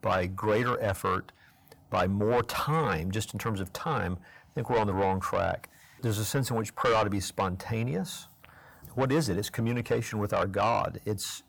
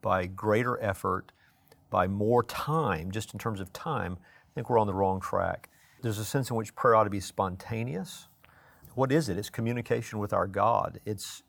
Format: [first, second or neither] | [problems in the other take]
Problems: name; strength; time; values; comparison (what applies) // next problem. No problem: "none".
second | distortion; heavy; 8 dB below the speech